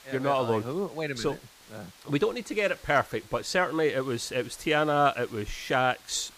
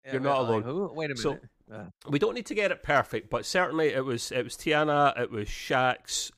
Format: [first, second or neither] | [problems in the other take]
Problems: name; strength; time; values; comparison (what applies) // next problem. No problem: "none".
second | hiss; faint; throughout; 25 dB below the speech